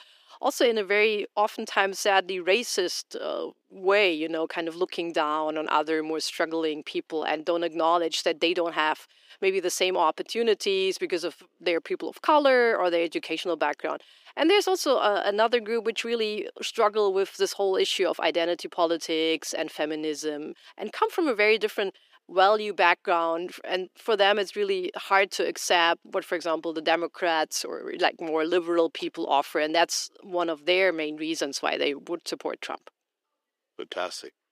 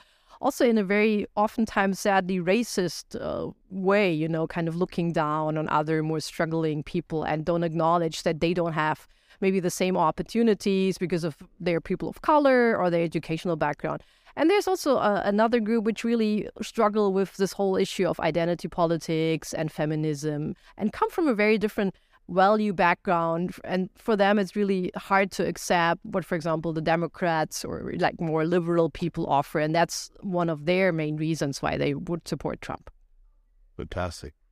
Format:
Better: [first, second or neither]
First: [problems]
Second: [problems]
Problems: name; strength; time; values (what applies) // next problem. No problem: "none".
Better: second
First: thin; somewhat; fading below 350 Hz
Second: none